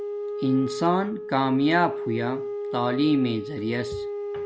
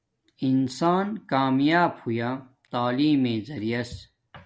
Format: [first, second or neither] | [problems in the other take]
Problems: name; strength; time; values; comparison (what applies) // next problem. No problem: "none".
second | background sound (Wind instrument, woodwind instrument); 6 dB below the speech